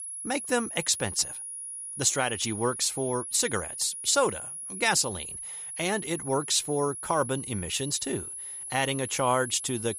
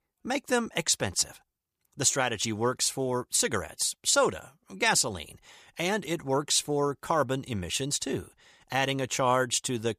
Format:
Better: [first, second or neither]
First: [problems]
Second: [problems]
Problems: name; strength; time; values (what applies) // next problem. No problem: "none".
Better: second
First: high-pitched whine; loud; throughout; 10.5 kHz, 8 dB below the speech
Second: none